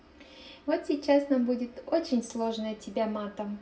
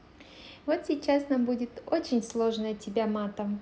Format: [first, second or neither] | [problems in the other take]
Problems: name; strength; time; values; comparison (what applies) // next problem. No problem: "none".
second | room echo; dies away in 0.2 s